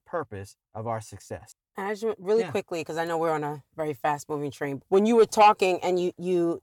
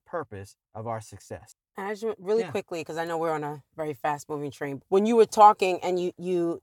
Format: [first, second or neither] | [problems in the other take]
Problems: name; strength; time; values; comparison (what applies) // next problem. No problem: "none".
second | distortion; slight; 10 dB below the speech